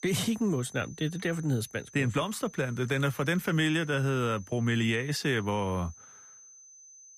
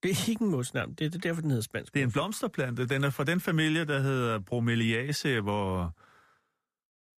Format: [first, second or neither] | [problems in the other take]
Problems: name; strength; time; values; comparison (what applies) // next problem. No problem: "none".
second | high-pitched whine; faint; throughout; 6 kHz, 20 dB below the speech